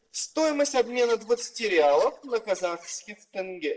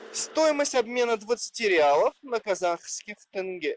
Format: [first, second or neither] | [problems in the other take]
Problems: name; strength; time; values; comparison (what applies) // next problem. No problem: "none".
second | noise reduction (neural separator model SepFormer DNS4)